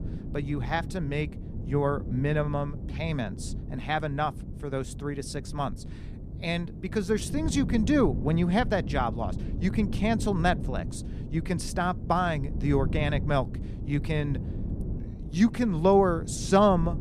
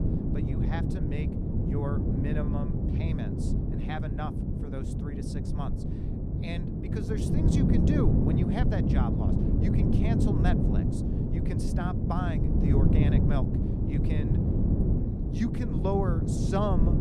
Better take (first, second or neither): first